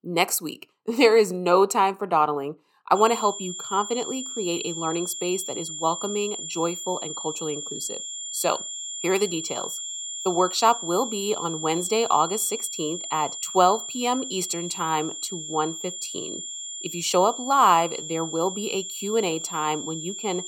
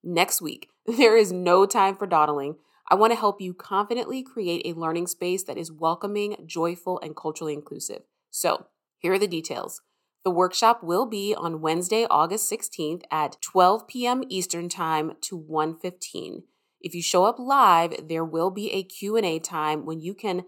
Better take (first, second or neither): second